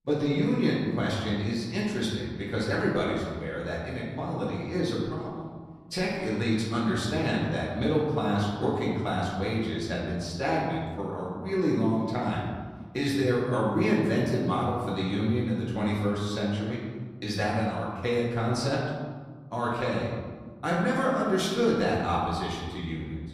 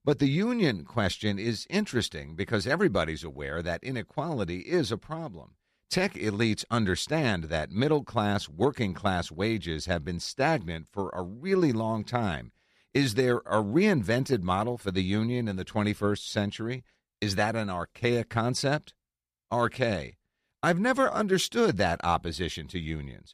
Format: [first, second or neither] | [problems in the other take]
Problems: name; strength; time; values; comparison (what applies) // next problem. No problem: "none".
second | room echo; noticeable; dies away in 1.5 s // off-mic speech; far